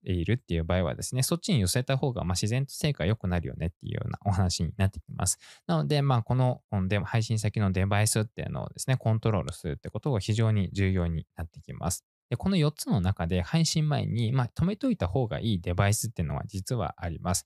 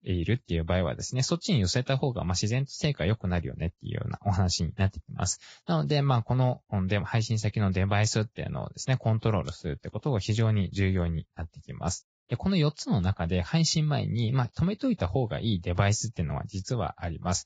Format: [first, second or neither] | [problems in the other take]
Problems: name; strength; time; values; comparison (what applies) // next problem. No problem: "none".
first | garbled, watery; badly; nothing above 7.5 kHz